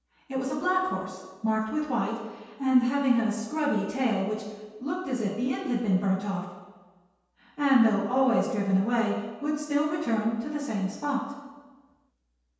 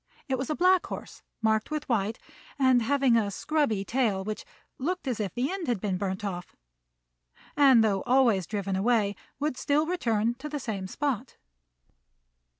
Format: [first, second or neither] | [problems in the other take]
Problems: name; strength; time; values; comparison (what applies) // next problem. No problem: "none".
second | room echo; dies away in 1.2 s